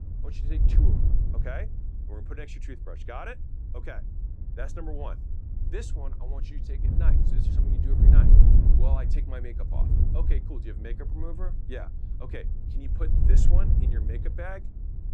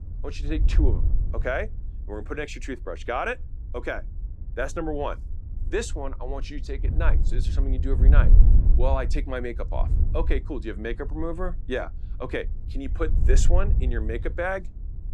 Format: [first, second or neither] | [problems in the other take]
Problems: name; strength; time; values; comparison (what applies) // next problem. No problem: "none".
second | wind noise on the microphone; heavy; 1 dB below the speech; occasional gusts in the second